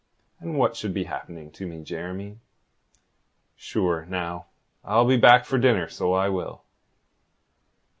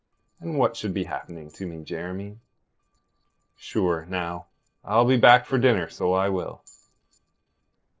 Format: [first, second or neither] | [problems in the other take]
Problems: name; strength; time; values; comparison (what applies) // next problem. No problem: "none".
first | noise reduction (neural separator model SepFormer DNS4)